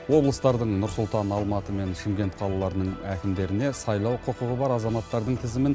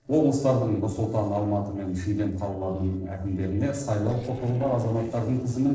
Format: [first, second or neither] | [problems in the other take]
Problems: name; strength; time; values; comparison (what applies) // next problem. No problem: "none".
first | noise reduction (neural separator model SepFormer DNS4)